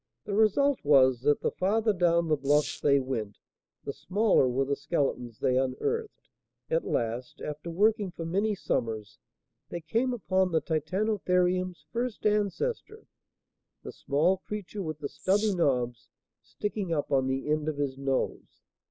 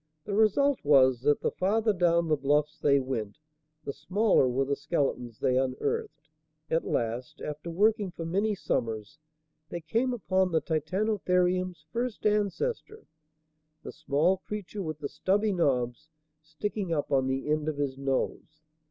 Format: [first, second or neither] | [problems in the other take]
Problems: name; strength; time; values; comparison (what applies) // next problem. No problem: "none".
second | noise reduction (neural mask model Resemble Enhance denoiser)